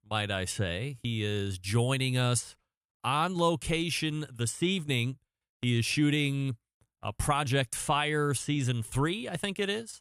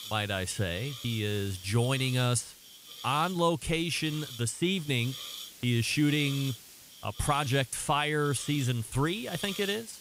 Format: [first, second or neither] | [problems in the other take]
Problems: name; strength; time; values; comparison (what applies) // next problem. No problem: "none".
first | hiss; noticeable; throughout; 15 dB below the speech